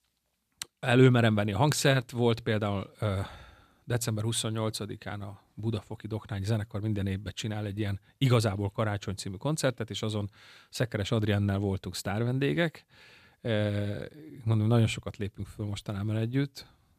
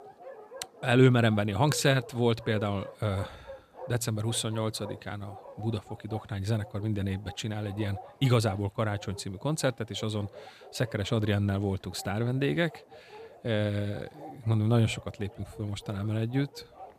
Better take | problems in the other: first | animal sounds; noticeable; throughout; 20 dB below the speech

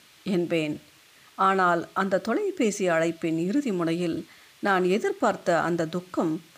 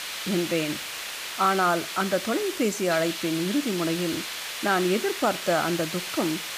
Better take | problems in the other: first | hiss; loud; throughout; 5 dB below the speech; faint in the first

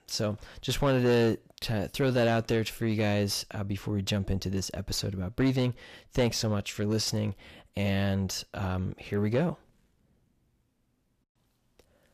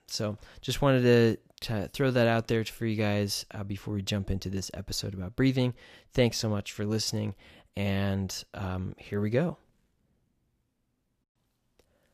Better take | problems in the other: second | distortion; slight; 10 dB below the speech

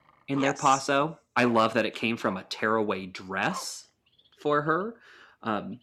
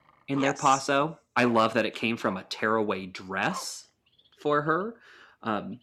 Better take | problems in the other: neither | animal sounds; noticeable; throughout; 15 dB below the speech; the same in both

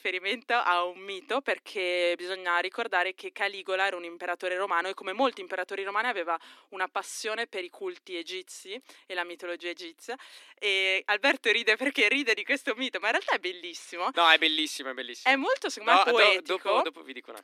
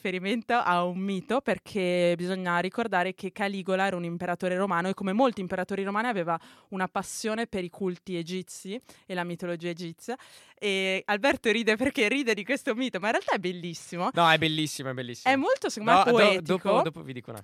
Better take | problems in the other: second | thin; somewhat; fading below 250 Hz

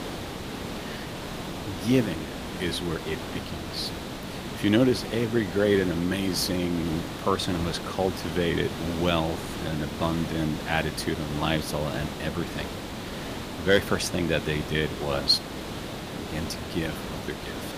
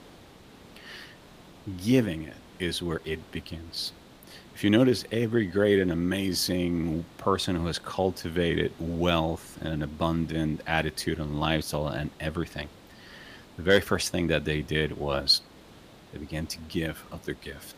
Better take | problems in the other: second | hiss; loud; throughout; 7 dB below the speech; faint in the second

